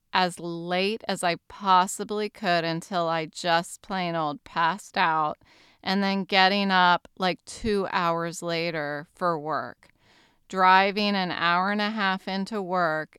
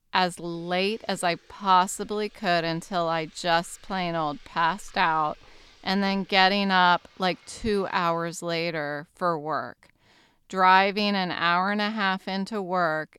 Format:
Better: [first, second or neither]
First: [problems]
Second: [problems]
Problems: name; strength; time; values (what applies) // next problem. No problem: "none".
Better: first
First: none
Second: household noises; faint; until 8 s; 30 dB below the speech